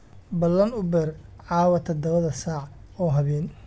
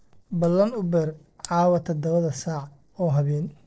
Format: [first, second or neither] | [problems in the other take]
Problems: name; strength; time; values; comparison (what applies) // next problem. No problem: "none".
first | noise reduction (neural separator model SepFormer DNS4)